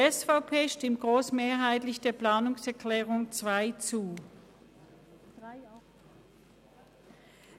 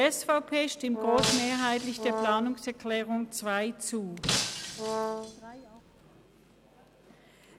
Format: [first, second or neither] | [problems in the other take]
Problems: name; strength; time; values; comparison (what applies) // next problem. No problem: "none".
first | background sound (Shatter + Brass instrument); 2 dB below the speech